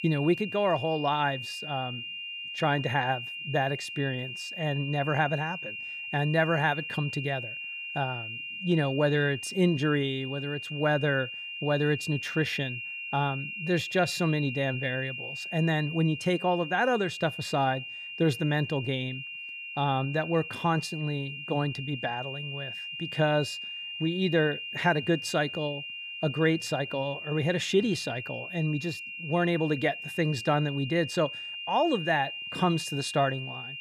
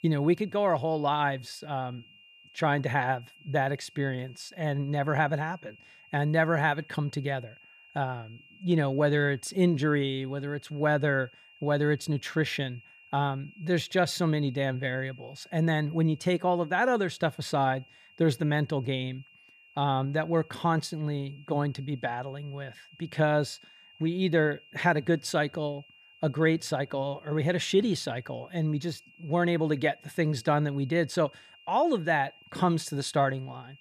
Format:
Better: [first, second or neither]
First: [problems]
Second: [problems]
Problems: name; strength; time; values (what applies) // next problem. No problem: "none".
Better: second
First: high-pitched whine; loud; throughout; 3 kHz, 7 dB below the speech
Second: high-pitched whine; faint; throughout; 3 kHz, 25 dB below the speech